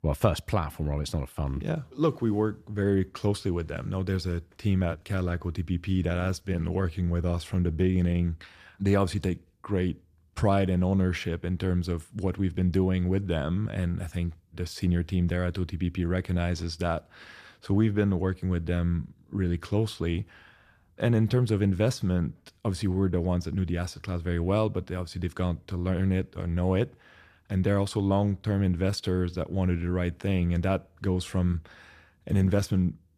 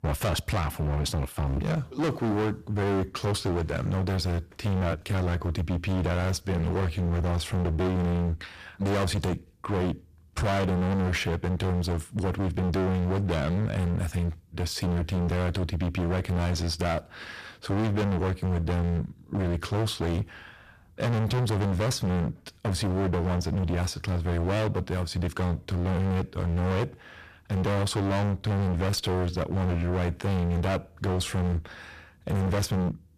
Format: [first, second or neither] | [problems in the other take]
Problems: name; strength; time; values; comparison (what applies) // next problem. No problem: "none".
first | distortion; heavy; 37% of the sound clipped